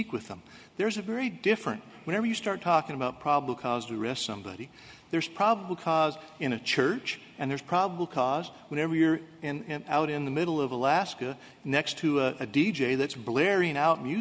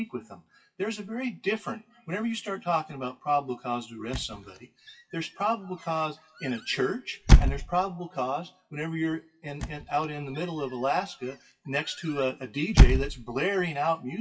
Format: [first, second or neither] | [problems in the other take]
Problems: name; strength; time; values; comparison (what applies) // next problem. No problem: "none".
first | noise reduction (classical method WPE with log-MMSE)